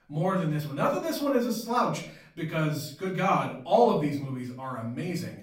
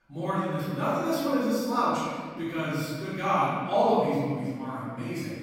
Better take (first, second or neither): first